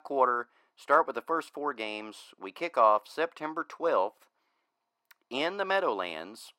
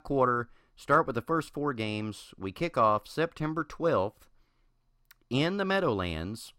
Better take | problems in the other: second | thin; somewhat; fading below 300 Hz

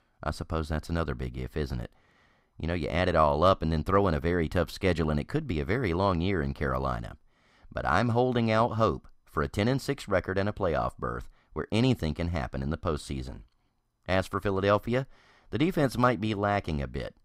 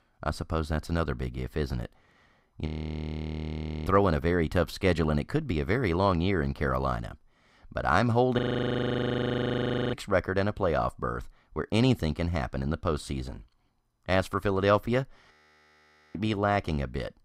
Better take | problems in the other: first | audio freezing; at 2.5 s for 1 s, at 8.5 s for 1.5 s and at 15 s for 1 s

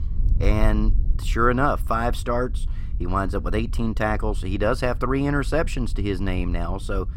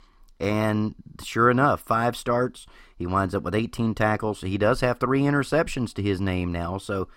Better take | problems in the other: second | wind noise on the microphone; occasional gusts; 25 dB below the speech

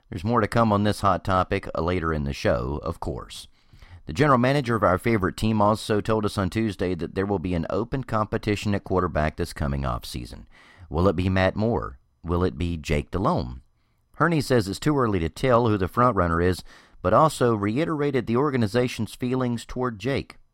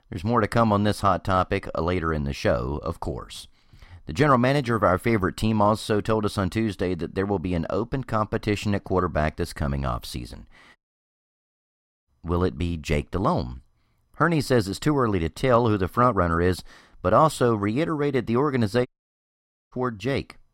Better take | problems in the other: first | audio cutting out; at 11 s for 1.5 s and at 19 s for 1 s

